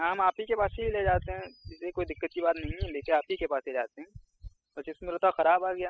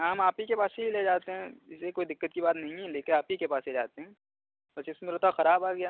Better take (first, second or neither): second